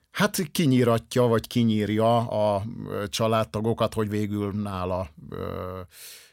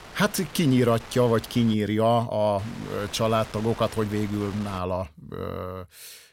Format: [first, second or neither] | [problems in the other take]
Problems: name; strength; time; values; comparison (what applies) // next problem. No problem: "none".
first | wind noise on the microphone; occasional gusts; until 1.5 s and from 2.5 to 5 s; 15 dB below the speech